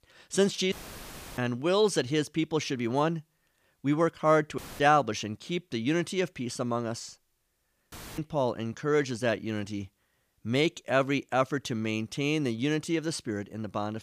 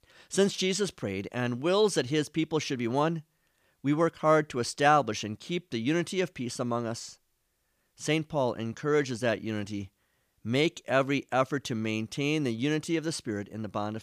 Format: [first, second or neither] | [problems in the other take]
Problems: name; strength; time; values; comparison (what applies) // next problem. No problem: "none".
second | audio cutting out; filled with static; at 0.5 s for 0.5 s, at 4.5 s and at 8 s